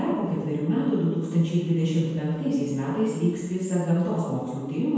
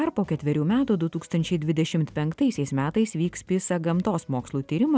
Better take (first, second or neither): second